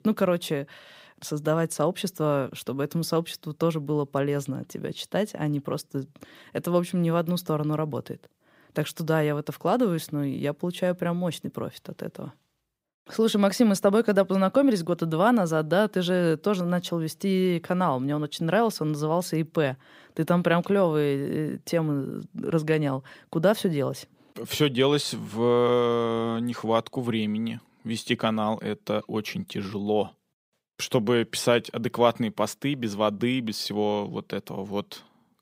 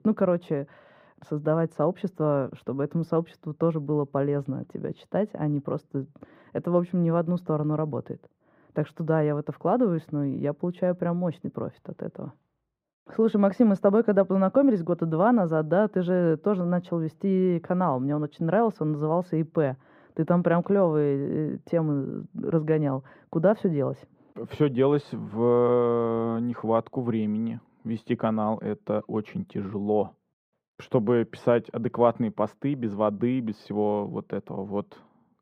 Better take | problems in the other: first | muffled; very; fading above 2.5 kHz

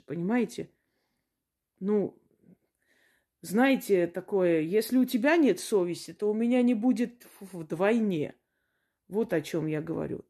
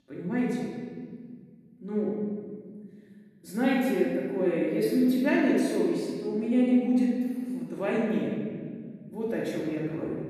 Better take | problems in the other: first | off-mic speech; far // room echo; strong; dies away in 2.1 s

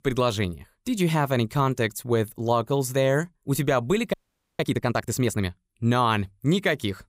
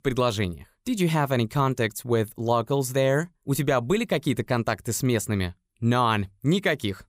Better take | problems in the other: second | audio freezing; at 4 s

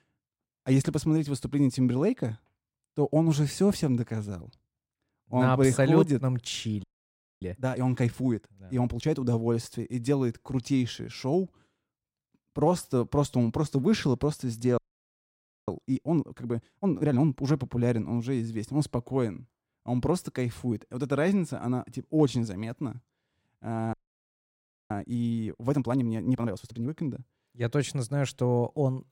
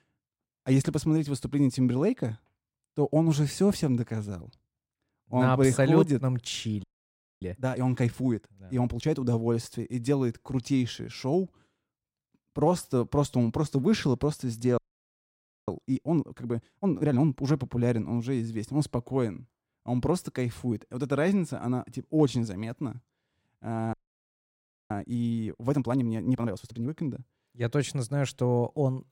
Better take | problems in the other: neither | audio freezing; at 7 s for 0.5 s, at 15 s for 1 s and at 24 s for 1 s; the same in both

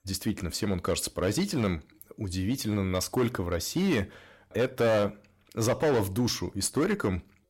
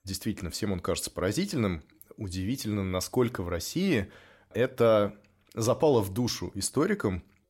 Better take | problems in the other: second | distortion; slight; 8% of the sound clipped

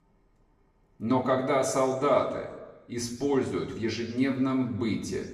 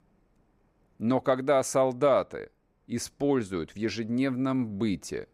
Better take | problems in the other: second | room echo; slight; dies away in 1 s // off-mic speech; somewhat distant

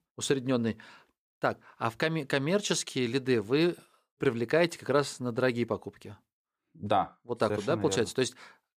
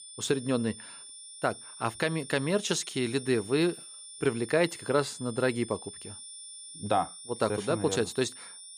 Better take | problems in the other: first | high-pitched whine; noticeable; throughout; 9.5 kHz, 15 dB below the speech

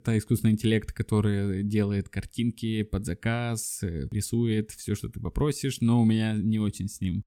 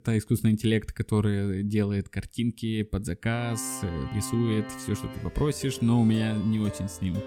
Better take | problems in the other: first | background music; noticeable; from 3.5 s on; 15 dB below the speech

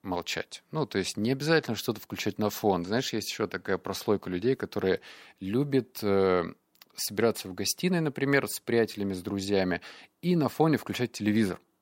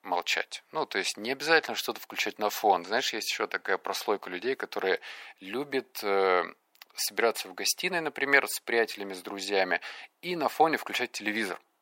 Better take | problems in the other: first | thin; very; fading below 500 Hz

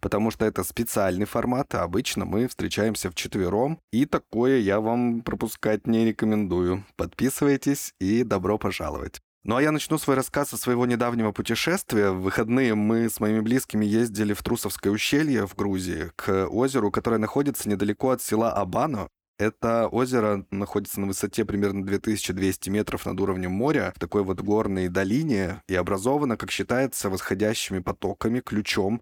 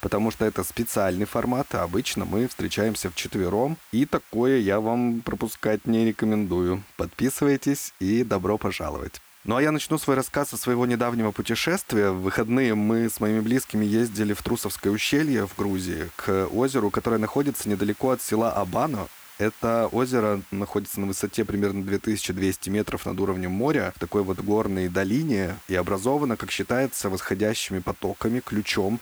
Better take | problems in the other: first | hiss; faint; throughout; 20 dB below the speech

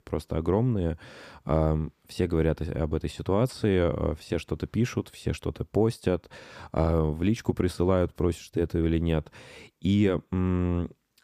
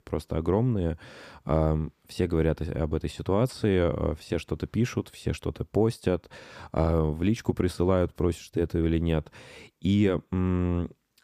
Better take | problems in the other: neither | none

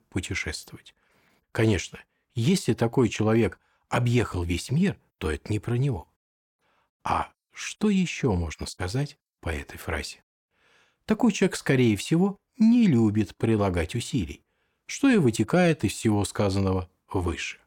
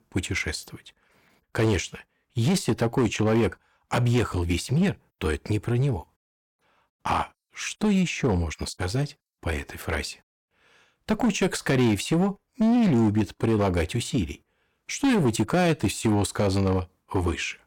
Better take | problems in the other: first | distortion; slight; 10% of the sound clipped

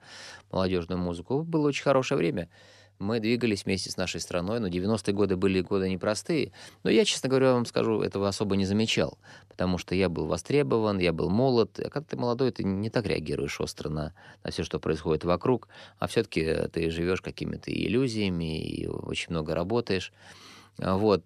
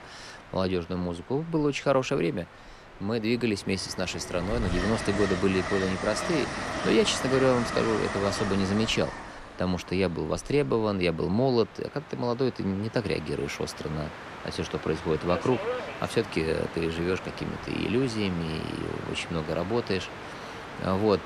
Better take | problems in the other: first | train or aircraft noise; loud; throughout; 7 dB below the speech

